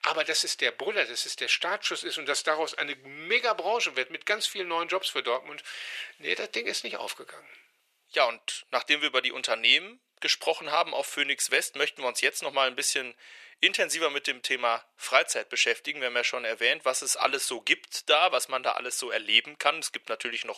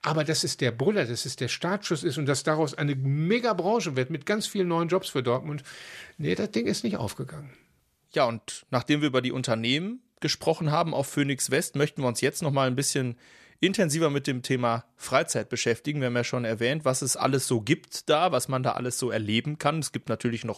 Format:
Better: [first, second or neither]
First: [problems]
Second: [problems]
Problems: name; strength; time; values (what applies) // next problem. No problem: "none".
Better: second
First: thin; very; fading below 500 Hz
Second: none